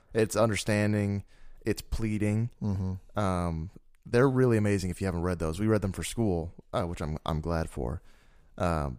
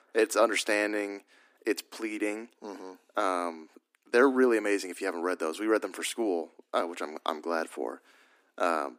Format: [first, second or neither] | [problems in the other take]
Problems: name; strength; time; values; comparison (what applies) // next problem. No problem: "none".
first | thin; somewhat; fading below 250 Hz